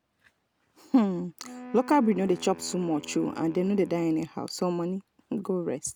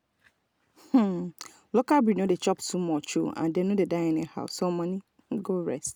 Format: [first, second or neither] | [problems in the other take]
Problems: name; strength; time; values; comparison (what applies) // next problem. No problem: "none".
second | background sound (Wind instrument, woodwind instrument); 18 dB below the speech